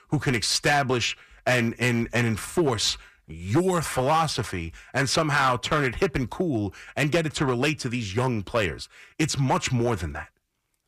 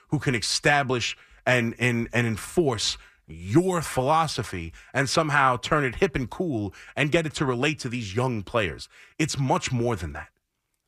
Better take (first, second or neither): second